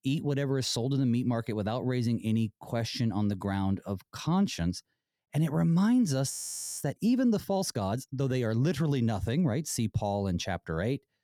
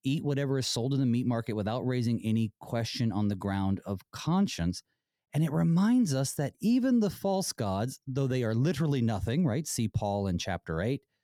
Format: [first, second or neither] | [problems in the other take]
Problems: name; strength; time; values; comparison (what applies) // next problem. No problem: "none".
second | audio freezing; at 6.5 s